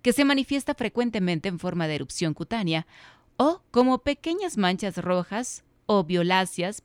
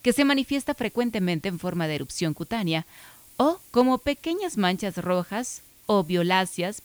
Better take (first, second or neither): first